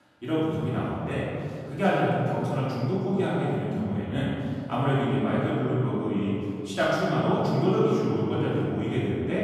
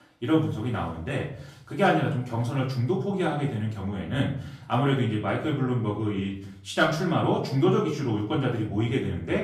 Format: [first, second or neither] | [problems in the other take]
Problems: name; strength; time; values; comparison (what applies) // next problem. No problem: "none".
second | room echo; strong; dies away in 2.5 s; slight in the second // off-mic speech; far; far in the second